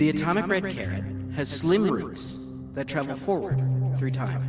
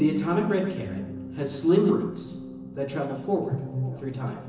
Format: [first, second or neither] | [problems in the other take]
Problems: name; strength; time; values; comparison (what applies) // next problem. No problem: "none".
first | room echo; dies away in 0.8 s